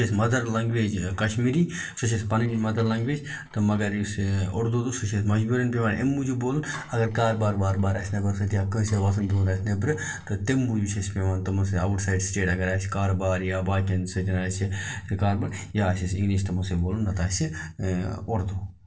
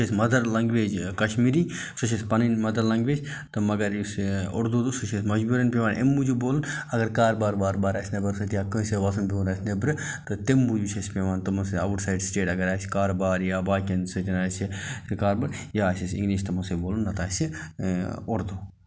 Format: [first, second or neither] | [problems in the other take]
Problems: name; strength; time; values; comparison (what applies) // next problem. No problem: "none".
second | noise reduction (neural separator model SepFormer DNS4)